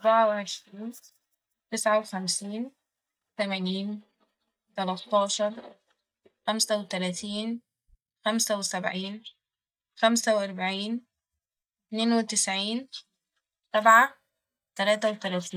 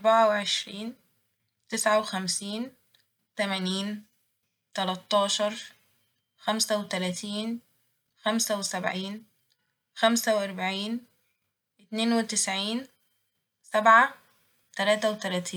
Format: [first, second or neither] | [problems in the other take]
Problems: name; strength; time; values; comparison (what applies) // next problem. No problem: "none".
second | noise reduction (neural mask model DeepFilterNet 3)